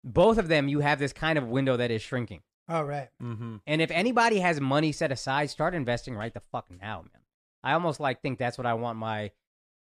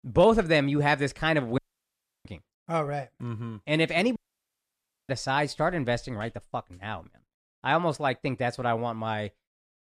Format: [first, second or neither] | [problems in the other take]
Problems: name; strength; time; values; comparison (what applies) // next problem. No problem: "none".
first | audio cutting out; at 1.5 s for 0.5 s and at 4 s for 1 s